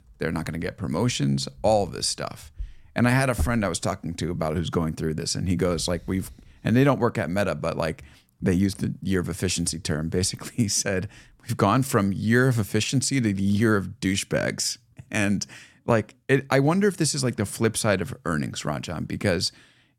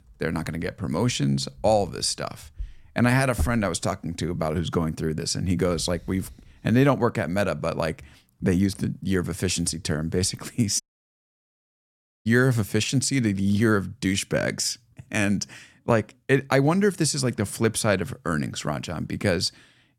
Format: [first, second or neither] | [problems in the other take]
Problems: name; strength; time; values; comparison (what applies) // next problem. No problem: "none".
first | audio cutting out; at 11 s for 1.5 s